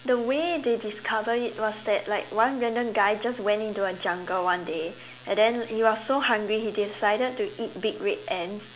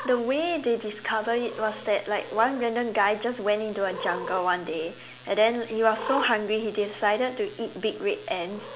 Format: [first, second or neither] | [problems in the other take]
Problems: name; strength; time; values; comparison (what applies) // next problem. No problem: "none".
first | background sound (Cat); 14 dB below the speech